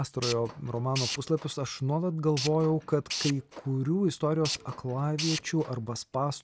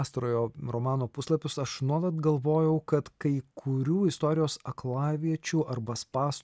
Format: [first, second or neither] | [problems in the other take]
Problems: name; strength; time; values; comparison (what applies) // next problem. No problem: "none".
second | background sound (Tools); 10 dB below the speech